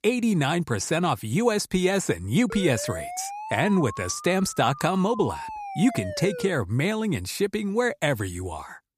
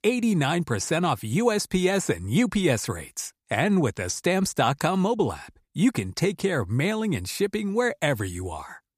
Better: second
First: siren; noticeable; from 2.5 to 6.5 s; peak 9 dB below the speech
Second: none

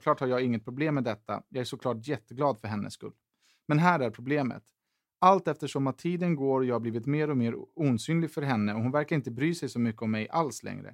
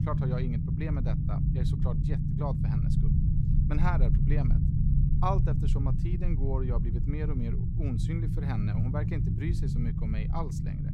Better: first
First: none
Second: low rumble; loud; throughout; 2 dB below the speech

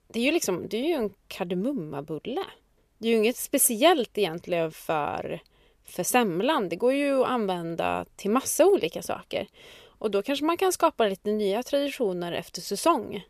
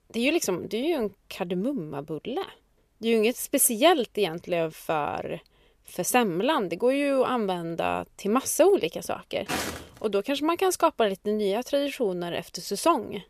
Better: first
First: none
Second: footsteps; noticeable; at 9.5 s; peak 4 dB below the speech

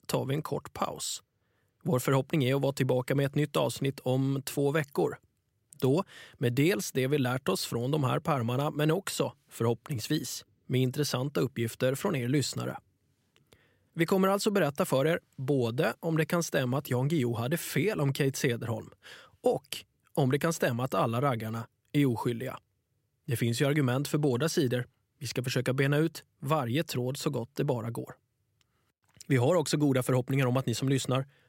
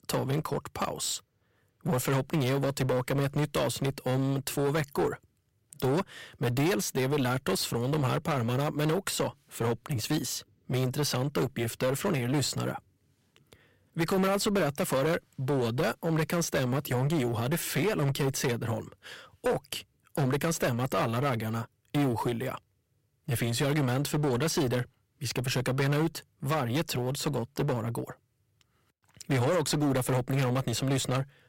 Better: first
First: none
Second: distortion; heavy; 15% of the sound clipped

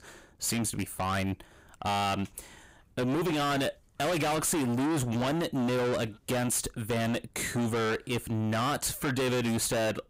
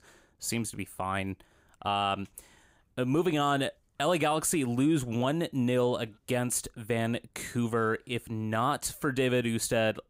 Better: second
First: distortion; heavy; 6 dB below the speech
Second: none

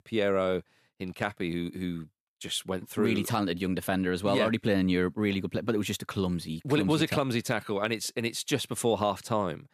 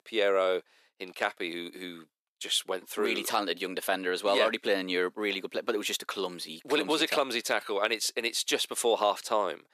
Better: first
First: none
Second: thin; somewhat; fading below 400 Hz

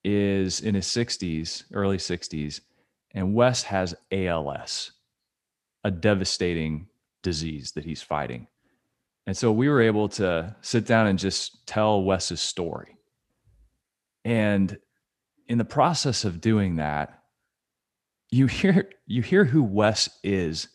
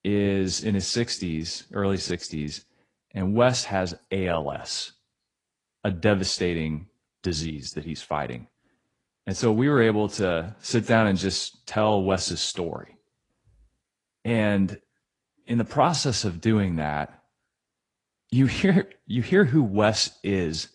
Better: first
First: none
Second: garbled, watery; slightly

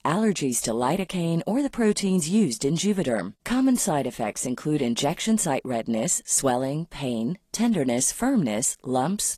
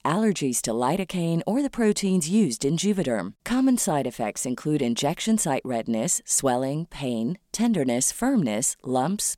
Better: second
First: garbled, watery; slightly; nothing above 12.5 kHz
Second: none

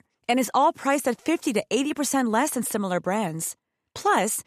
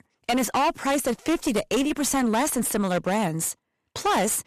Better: first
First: none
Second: distortion; heavy; 17% of the sound clipped

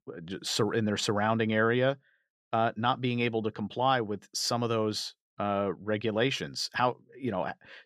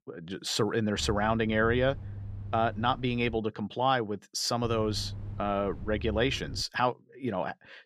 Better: first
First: none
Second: low rumble; faint; from 1 to 3.5 s and from 4.5 to 6.5 s; 25 dB below the speech

